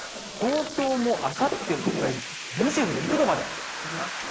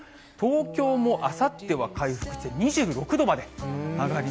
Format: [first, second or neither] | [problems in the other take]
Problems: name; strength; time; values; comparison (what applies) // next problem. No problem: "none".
second | noise reduction (neural mask model Resemble Enhance denoiser)